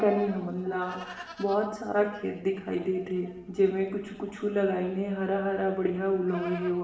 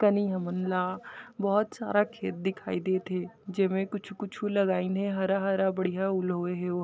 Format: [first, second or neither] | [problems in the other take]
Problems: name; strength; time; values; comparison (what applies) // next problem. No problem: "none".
second | background sound (Livestock, farm animals, working animals); 17 dB below the speech // room echo; dies away in 0.9 s